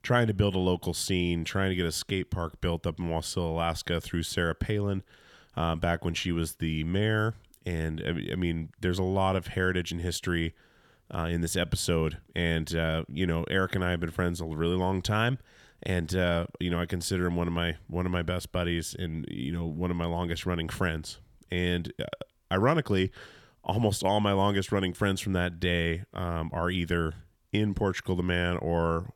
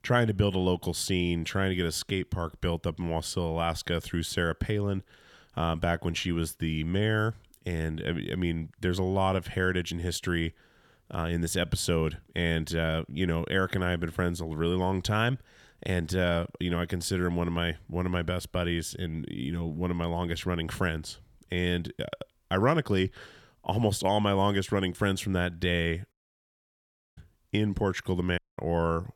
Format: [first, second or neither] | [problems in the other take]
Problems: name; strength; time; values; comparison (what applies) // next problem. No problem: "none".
first | audio cutting out; at 26 s for 1 s and at 28 s